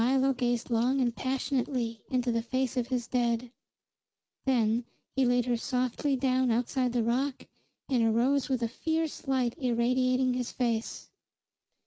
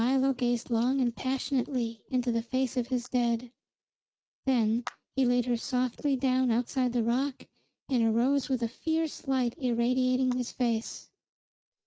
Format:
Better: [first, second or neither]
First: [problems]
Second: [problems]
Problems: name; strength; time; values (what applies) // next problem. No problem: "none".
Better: first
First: none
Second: noise reduction (neural mask model DeepFilterNet 3)